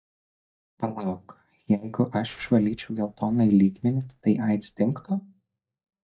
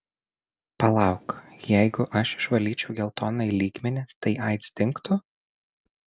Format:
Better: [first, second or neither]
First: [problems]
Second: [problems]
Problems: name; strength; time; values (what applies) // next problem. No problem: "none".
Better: second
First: noise reduction (neural mask model DeepFilterNet 3)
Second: none